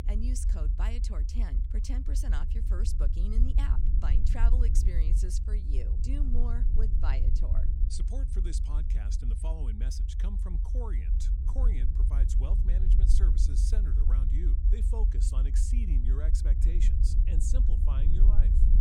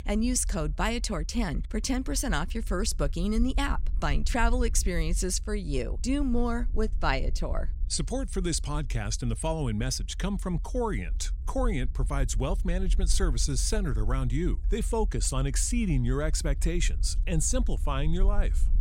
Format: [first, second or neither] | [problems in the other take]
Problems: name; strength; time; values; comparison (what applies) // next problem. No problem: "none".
second | low rumble; loud; throughout; 3 dB below the speech; faint in the second